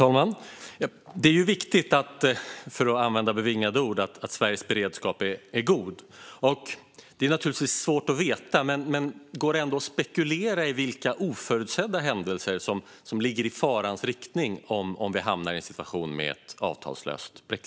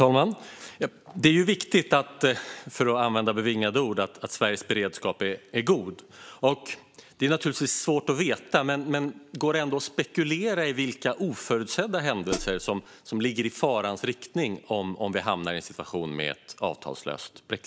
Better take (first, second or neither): first